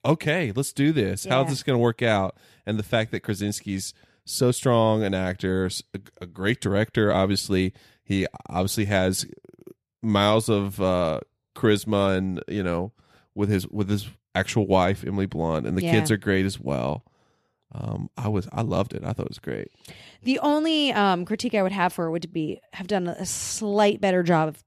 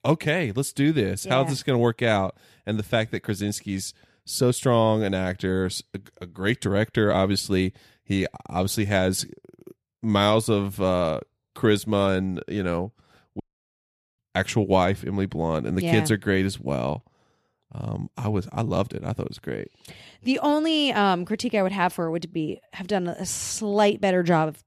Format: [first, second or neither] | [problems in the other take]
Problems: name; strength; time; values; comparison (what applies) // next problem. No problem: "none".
first | audio cutting out; at 13 s for 1 s